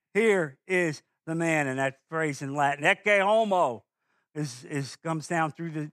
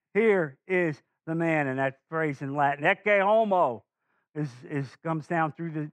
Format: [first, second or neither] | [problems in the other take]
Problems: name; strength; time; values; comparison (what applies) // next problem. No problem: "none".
first | muffled; very; fading above 4 kHz